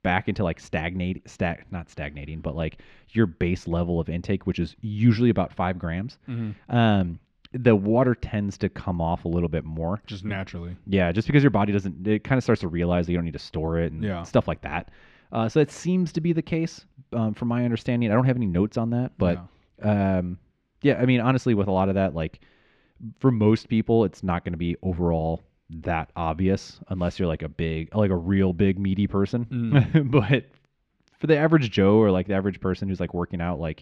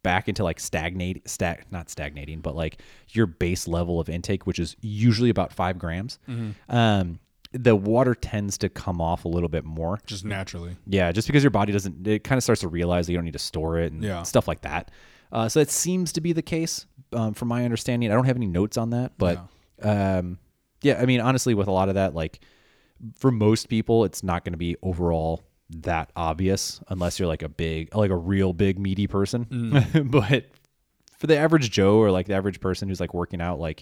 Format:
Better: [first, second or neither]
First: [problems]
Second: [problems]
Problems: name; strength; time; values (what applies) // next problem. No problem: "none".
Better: second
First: muffled; slightly; fading above 2.5 kHz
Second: none